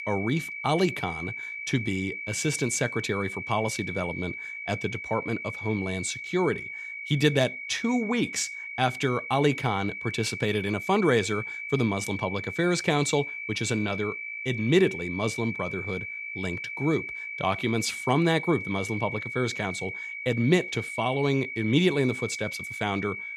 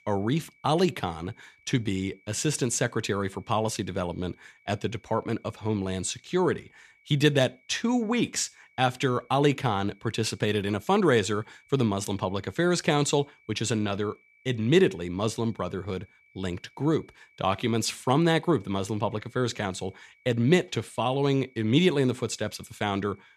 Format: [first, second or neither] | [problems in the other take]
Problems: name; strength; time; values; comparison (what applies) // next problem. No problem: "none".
second | high-pitched whine; loud; throughout; 2.5 kHz, 6 dB below the speech; faint in the second